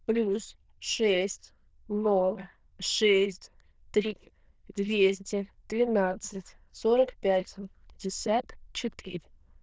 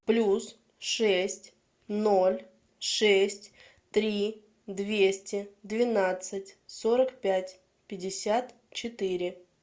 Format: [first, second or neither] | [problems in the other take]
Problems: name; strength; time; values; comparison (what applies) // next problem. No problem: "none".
second | noise reduction (neural diffusion model UNIVERSE++)